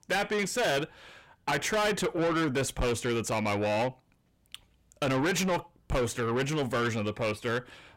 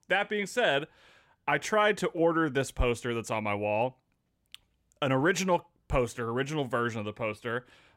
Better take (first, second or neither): second